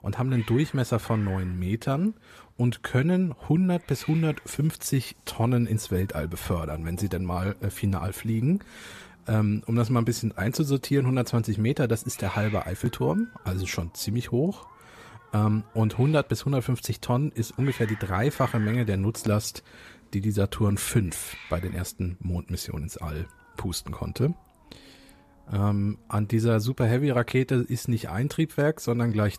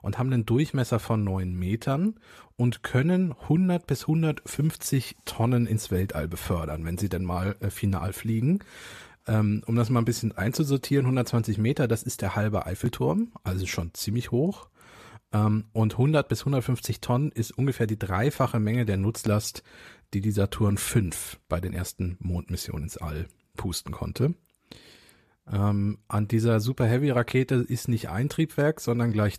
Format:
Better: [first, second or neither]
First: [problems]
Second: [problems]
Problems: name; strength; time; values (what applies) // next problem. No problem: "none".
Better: second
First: hiss; faint; throughout; 20 dB below the speech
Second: none